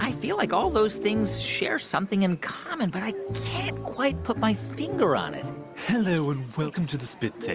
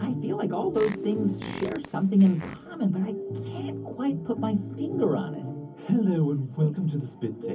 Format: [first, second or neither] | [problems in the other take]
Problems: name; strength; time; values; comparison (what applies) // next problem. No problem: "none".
first | background sound (Fart); 14 dB below the speech // room echo; dies away in 0.3 s